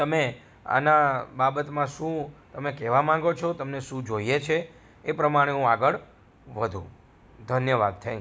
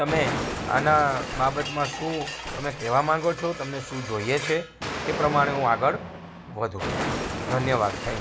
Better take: first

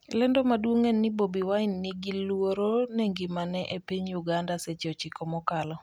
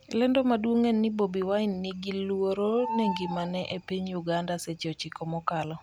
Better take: first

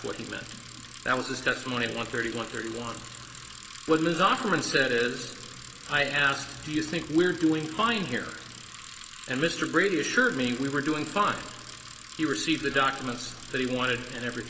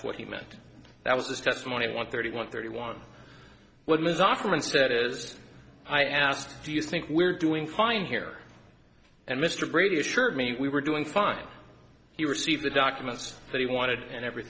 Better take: second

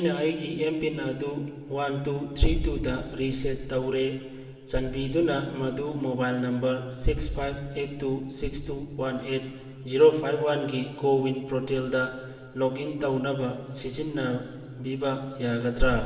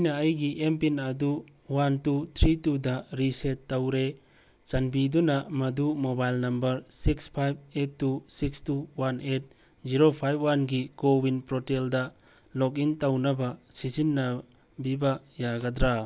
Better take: second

